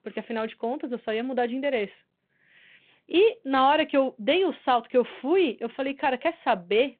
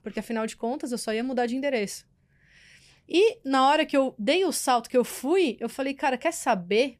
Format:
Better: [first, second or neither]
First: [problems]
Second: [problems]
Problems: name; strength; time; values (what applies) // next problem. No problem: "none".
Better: second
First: phone-call audio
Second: none